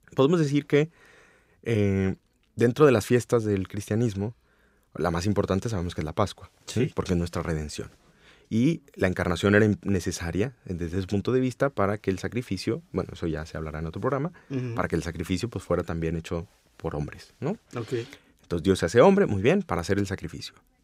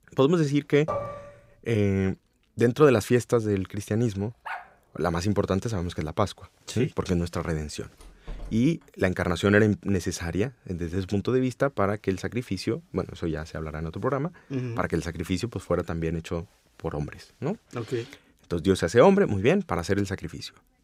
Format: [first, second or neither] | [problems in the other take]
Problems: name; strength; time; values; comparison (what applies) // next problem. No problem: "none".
first | clattering dishes; noticeable; at 1 s; peak 5 dB below the speech // dog barking; faint; at 4.5 s; peak 10 dB below the speech // door banging; faint; at 8 s; peak 15 dB below the speech